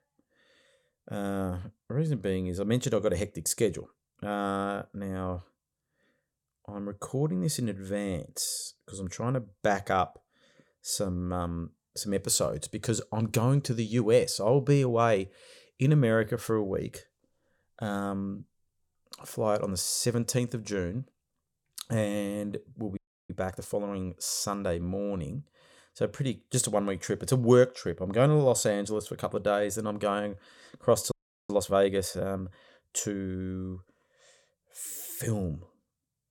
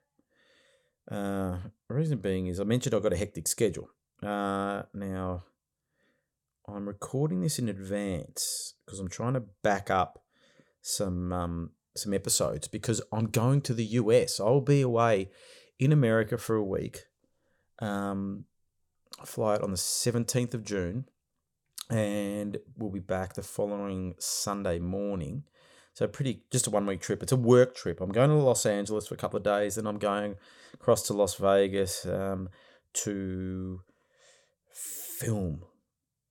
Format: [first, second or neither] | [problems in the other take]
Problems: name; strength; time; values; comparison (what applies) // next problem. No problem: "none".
second | audio freezing; at 23 s and at 31 s